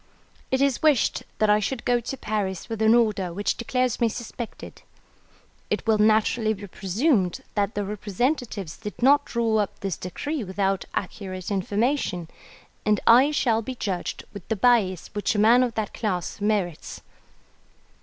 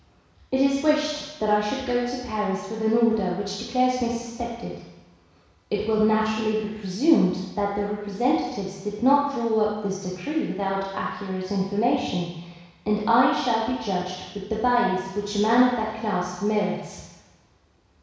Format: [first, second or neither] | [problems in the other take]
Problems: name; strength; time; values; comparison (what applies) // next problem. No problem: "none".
first | room echo; dies away in 1.1 s